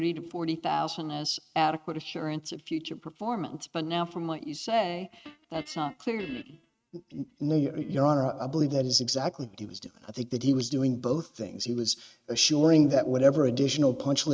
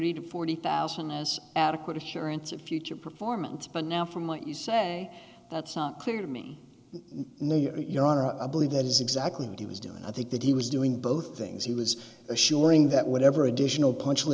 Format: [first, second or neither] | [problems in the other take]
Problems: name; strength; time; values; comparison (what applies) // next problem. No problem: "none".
second | noise reduction (neural mask model RNNoise)